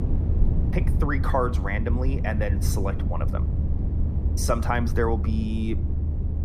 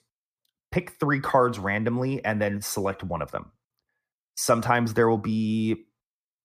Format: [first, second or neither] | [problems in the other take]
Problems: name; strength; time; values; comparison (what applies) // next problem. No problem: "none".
second | low rumble; noticeable; throughout; 10 dB below the speech